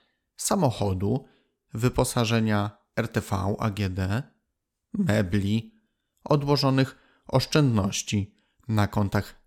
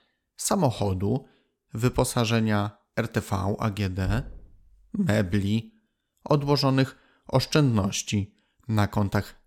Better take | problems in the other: first | door banging; faint; at 4 s; peak 10 dB below the speech

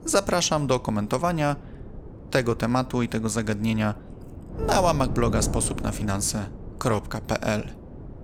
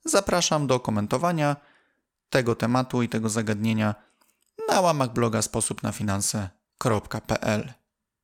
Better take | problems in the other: second | wind noise on the microphone; occasional gusts; 15 dB below the speech

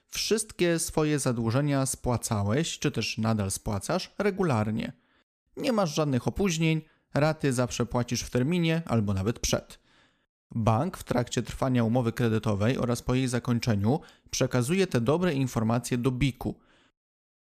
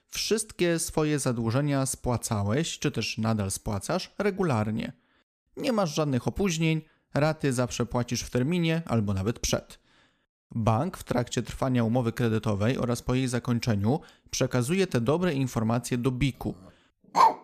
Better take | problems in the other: first | dog barking; loud; at 17 s; peak 6 dB above the speech

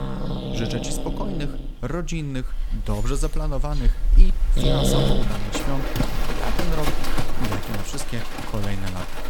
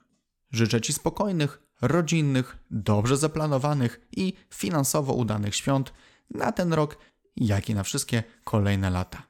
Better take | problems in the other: second | animal sounds; very loud; throughout; 4 dB above the speech

